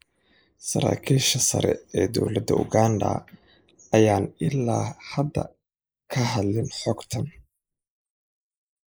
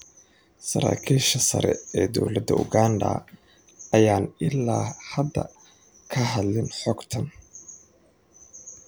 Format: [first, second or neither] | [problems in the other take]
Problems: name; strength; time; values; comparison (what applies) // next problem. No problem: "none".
second | noise reduction (neural mask model Resemble Enhance denoiser)